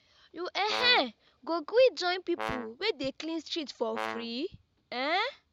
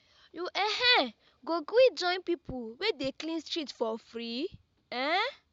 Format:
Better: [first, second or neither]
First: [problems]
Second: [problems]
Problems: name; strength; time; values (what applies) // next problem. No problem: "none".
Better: second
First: background sound (Brass instrument); 9 dB below the speech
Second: none